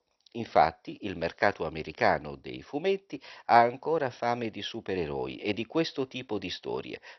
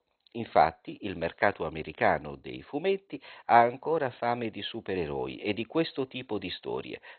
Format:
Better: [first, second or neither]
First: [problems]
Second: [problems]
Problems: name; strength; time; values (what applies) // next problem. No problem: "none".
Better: first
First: garbled, watery; slightly; nothing above 6 kHz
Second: garbled, watery; badly; nothing above 4 kHz